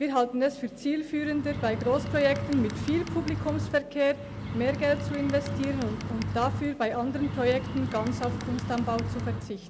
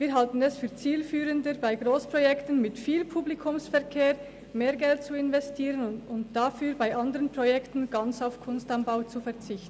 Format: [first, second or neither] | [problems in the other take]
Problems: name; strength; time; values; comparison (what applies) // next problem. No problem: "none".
second | background sound (Bird); 5 dB below the speech